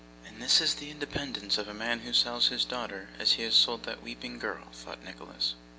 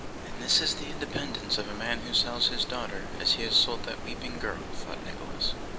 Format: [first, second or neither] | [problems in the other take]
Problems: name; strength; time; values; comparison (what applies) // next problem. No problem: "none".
first | background sound (Stream); 5 dB below the speech